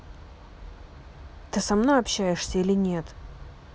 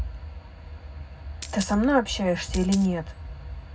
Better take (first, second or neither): first